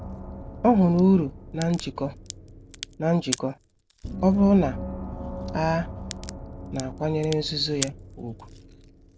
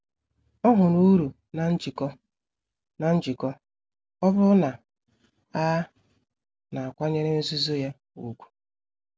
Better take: second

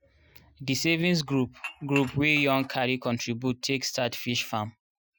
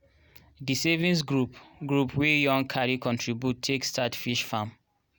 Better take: second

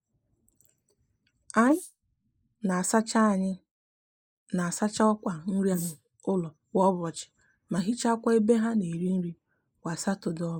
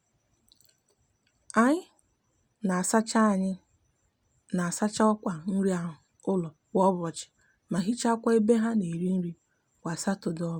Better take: second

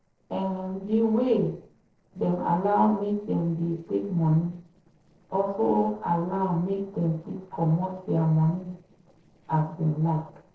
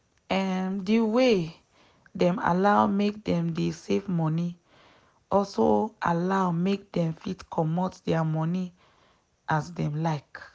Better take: second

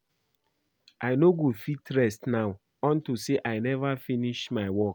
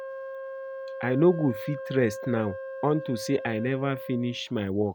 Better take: first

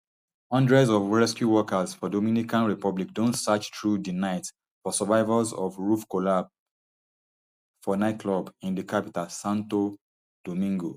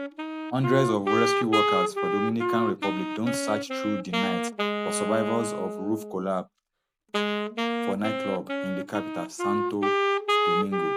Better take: first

